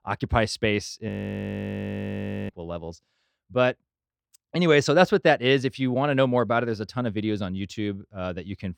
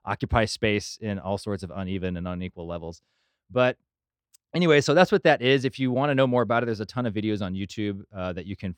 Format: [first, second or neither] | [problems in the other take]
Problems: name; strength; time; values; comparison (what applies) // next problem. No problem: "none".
second | audio freezing; at 1 s for 1.5 s